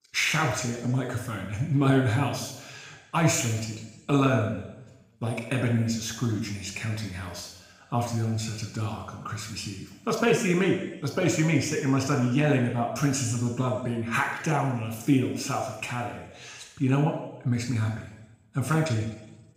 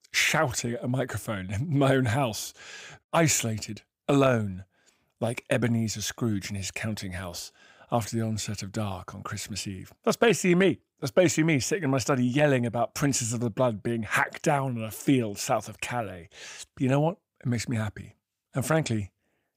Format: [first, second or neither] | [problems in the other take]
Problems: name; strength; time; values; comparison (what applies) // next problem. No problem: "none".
second | room echo; noticeable; dies away in 0.9 s // off-mic speech; somewhat distant